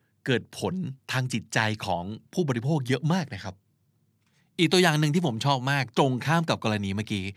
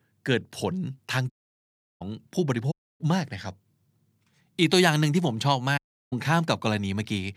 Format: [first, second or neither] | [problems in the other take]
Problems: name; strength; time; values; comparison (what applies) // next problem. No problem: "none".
first | audio cutting out; at 1.5 s for 0.5 s, at 2.5 s and at 6 s